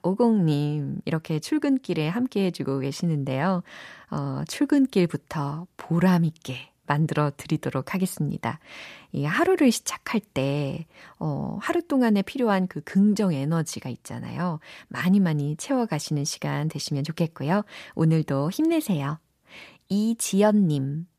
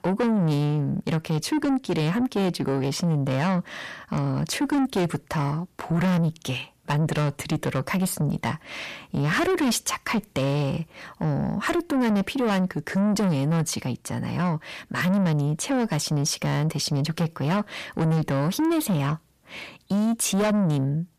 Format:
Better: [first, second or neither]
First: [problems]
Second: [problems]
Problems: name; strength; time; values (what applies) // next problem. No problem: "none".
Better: first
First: none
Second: distortion; heavy; 7 dB below the speech